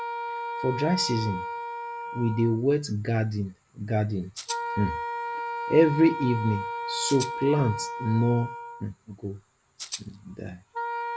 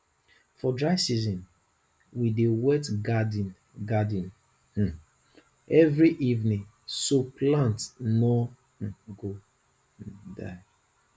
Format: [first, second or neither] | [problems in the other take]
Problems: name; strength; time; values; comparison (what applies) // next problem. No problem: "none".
second | background sound (Wind instrument, woodwind instrument + Rattle (instrument)); 7 dB below the speech